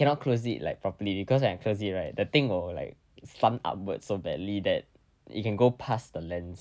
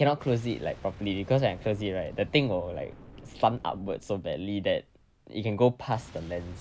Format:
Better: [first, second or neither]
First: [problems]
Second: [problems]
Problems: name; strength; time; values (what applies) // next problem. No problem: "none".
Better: first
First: none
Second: background sound (Boom); 20 dB below the speech